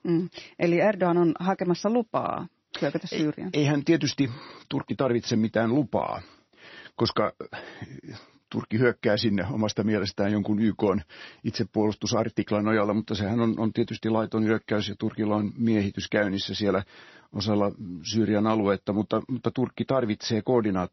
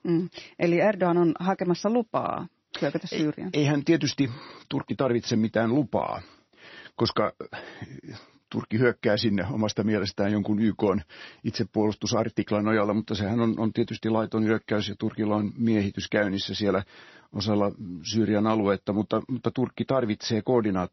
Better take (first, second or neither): neither